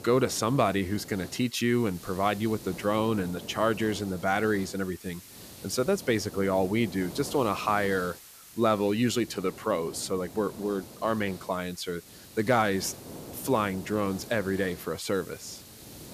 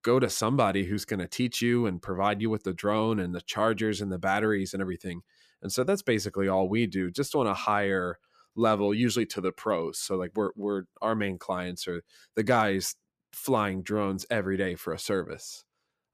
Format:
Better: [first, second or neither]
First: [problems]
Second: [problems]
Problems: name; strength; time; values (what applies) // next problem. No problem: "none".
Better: second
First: hiss; noticeable; throughout; 15 dB below the speech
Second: none